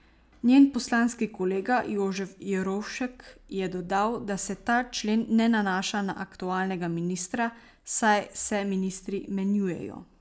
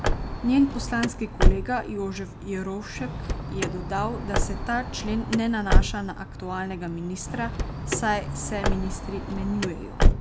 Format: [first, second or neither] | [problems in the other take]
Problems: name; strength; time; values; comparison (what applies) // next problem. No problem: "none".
first | background sound (Car); 4 dB above the speech